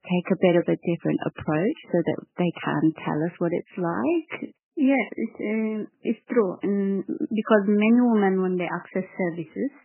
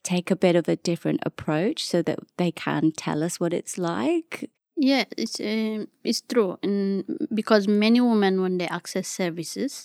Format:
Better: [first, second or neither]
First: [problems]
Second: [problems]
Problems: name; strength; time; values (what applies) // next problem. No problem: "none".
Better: second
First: garbled, watery; badly; nothing above 3 kHz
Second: none